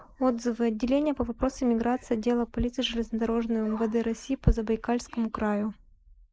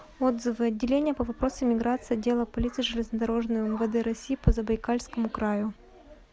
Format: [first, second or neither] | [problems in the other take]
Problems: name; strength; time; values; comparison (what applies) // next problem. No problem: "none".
second | noise reduction (neural mask model Resemble Enhance denoiser)